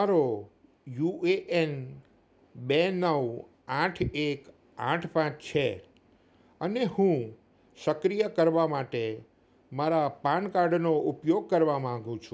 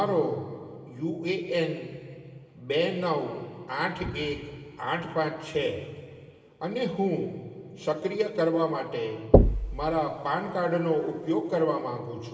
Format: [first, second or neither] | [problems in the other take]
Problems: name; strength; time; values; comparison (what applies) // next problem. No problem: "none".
first | background sound (Knock / Wood); 4 dB above the speech // room echo; dies away in 2 s